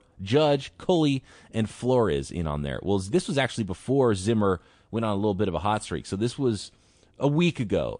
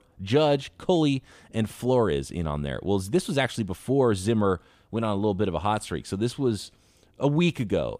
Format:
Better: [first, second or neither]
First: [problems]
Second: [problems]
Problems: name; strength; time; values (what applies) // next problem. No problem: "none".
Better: second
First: garbled, watery; slightly; nothing above 8.5 kHz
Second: none